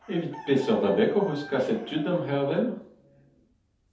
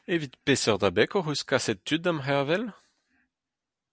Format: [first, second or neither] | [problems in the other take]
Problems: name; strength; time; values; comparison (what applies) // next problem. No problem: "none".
second | background sound (Chicken, rooster); 20 dB below the speech // room echo; dies away in 0.6 s